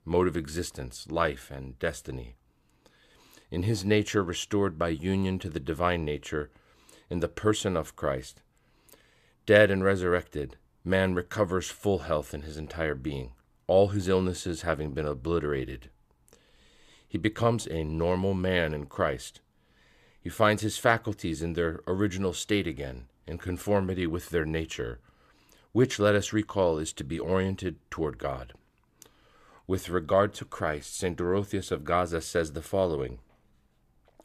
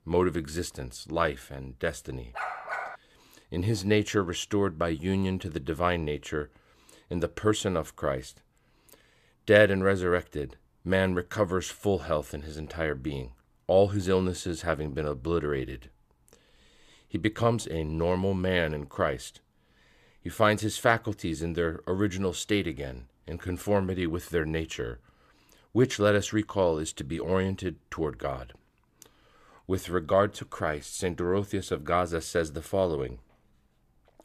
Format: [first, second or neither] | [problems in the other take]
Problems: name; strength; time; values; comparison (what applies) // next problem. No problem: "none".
first | dog barking; noticeable; at 2.5 s; peak 5 dB below the speech